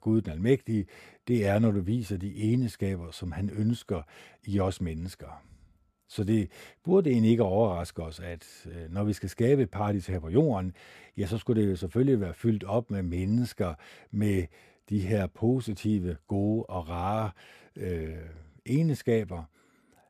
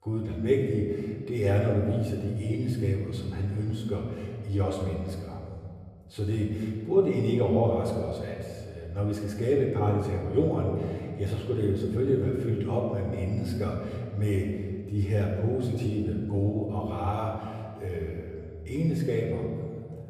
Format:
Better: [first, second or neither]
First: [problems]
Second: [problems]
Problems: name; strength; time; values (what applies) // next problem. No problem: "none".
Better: first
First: none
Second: room echo; noticeable; dies away in 1.9 s // off-mic speech; somewhat distant